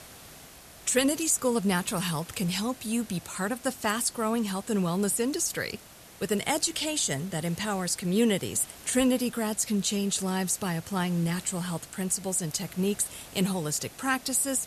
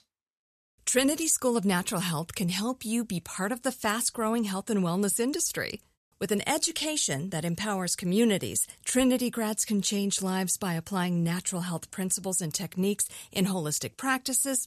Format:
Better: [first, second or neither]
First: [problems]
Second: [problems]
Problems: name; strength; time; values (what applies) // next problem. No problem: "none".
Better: second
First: hiss; noticeable; throughout; 20 dB below the speech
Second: none